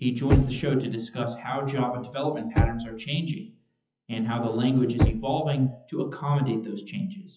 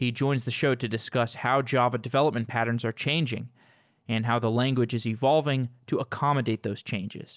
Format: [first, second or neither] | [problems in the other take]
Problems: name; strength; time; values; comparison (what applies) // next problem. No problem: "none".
second | noise reduction (classical method WPE with log-MMSE)